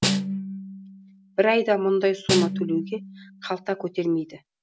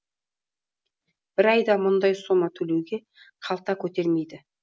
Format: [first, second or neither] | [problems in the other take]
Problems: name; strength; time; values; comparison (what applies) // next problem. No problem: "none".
second | background sound (Snare drum); 4 dB below the speech